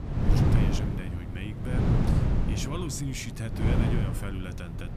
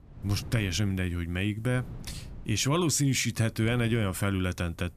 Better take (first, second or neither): second